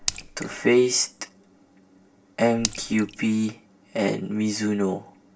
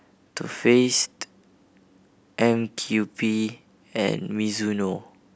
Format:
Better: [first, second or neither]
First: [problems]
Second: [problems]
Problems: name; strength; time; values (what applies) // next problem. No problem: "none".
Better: second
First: background sound (Raindrop / Splash, splatter); 8 dB below the speech // room echo; dies away in 0.2 s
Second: none